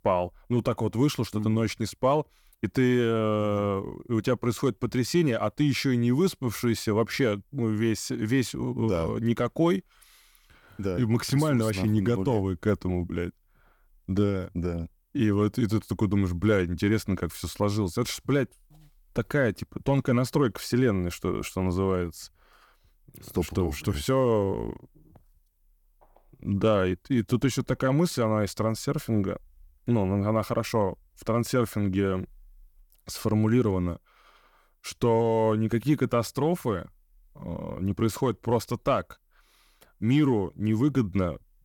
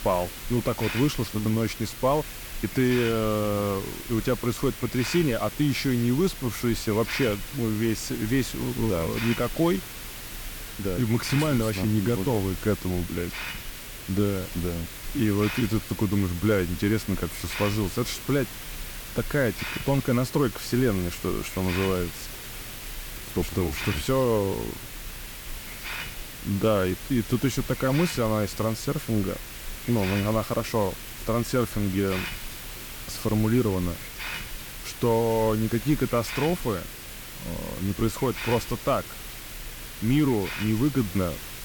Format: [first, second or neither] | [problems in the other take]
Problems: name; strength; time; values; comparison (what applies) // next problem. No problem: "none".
first | hiss; loud; throughout; 9 dB below the speech